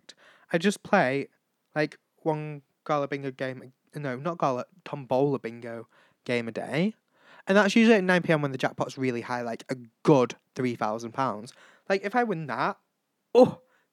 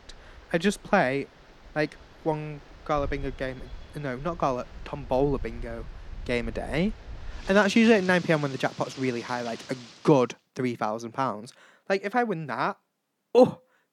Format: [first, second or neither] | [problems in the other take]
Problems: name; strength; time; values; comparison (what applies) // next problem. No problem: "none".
first | rain or running water; noticeable; until 10 s; 20 dB below the speech